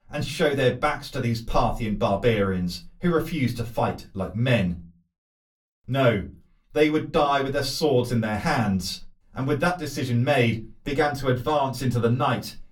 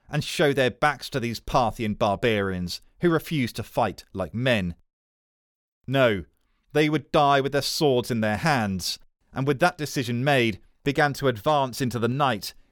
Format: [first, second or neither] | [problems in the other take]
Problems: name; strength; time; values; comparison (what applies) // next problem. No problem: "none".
second | off-mic speech; far // room echo; very slight; dies away in 0.2 s